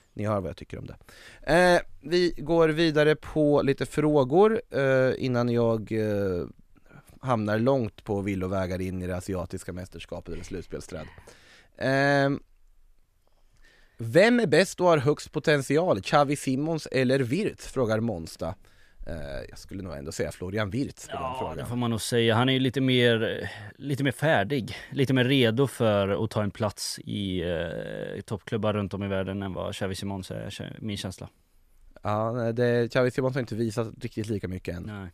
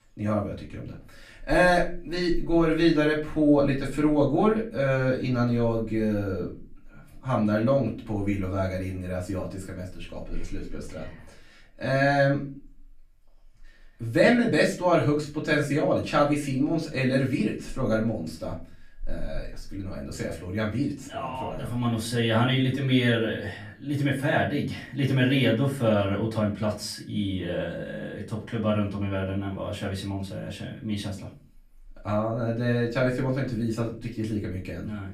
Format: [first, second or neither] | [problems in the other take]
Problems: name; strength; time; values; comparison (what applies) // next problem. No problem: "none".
first | off-mic speech; far // room echo; slight; dies away in 0.3 s